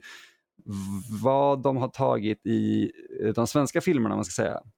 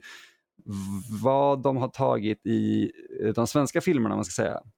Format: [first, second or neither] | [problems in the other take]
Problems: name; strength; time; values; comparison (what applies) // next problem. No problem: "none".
neither | none